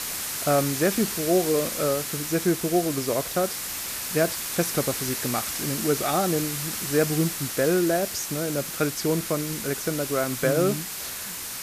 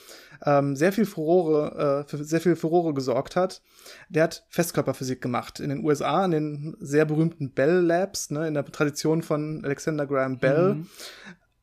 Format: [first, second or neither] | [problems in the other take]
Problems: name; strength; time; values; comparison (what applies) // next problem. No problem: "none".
second | hiss; loud; throughout; 3 dB below the speech